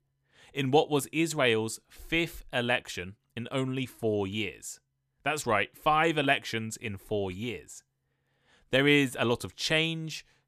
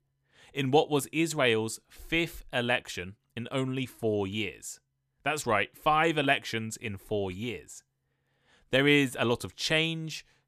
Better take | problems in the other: neither | none

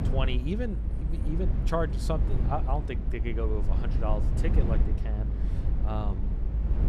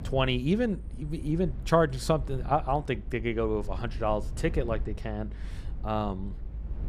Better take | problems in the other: second | low rumble; loud; throughout; 8 dB below the speech; faint in the second

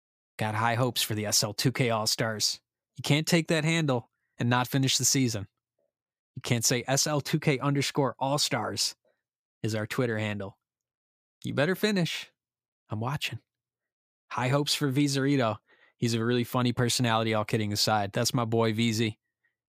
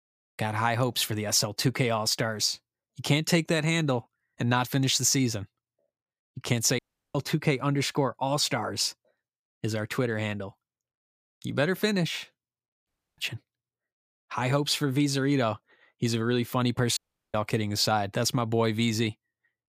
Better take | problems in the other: first | audio cutting out; at 7 s, at 13 s and at 17 s

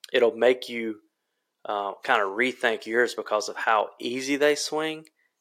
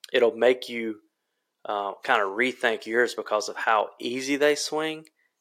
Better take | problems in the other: neither | thin; somewhat; fading below 400 Hz; the same in both

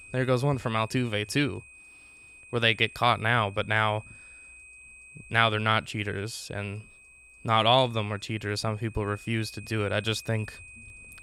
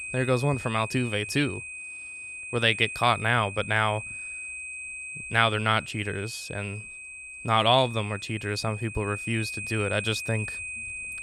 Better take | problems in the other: first | high-pitched whine; loud; throughout; 2.5 kHz, 9 dB below the speech; faint in the first

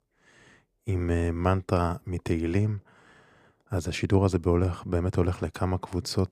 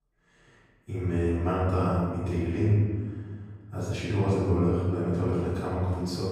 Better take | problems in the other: first | off-mic speech; far // room echo; strong; dies away in 1.5 s

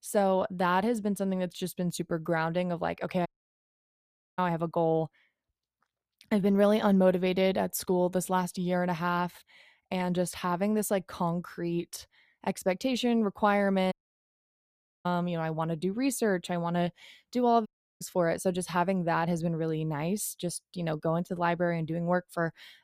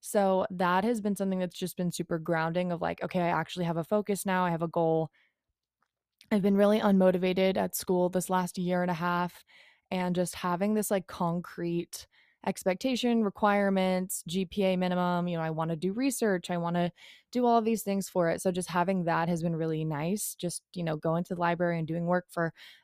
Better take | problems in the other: second | audio cutting out; at 3.5 s for 1 s, at 14 s for 1 s and at 18 s

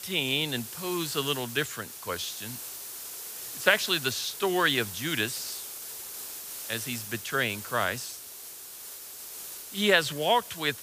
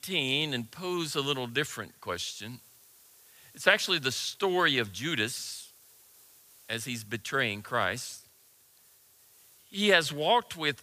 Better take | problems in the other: second | hiss; loud; throughout; 10 dB below the speech; faint in the second

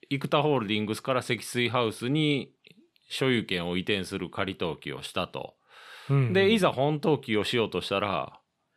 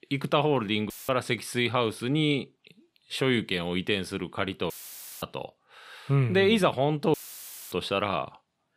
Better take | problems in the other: first | audio cutting out; filled with static; at 1 s, at 4.5 s for 0.5 s and at 7 s for 0.5 s

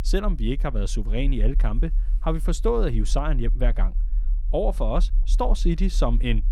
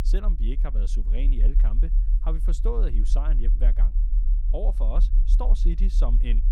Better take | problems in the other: first | low rumble; loud; throughout; 9 dB below the speech; faint in the first

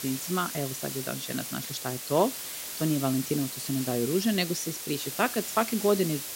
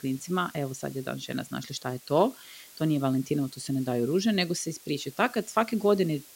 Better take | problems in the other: second | hiss; loud; throughout; 5 dB below the speech; faint in the second

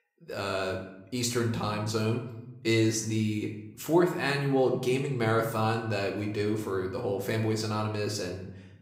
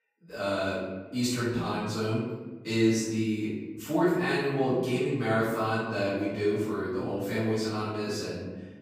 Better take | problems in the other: first | room echo; strong; dies away in 1.1 s; slight in the first // off-mic speech; far

